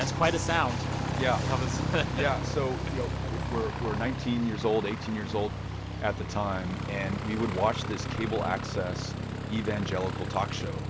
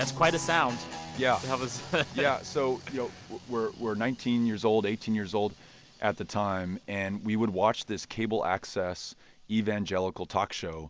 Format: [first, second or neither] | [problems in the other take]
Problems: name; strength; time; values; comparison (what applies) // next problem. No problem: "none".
second | background sound (Aircraft); 1 dB below the speech // room echo; dies away in 0.3 s